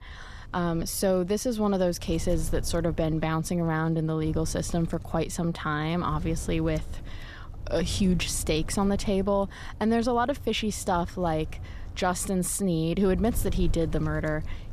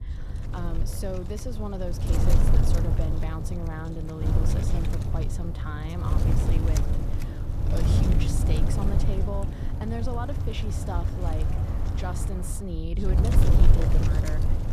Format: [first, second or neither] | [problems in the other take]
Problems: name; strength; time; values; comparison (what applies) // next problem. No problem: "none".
first | wind noise on the microphone; heavy; as loud as the speech; occasional gusts in the first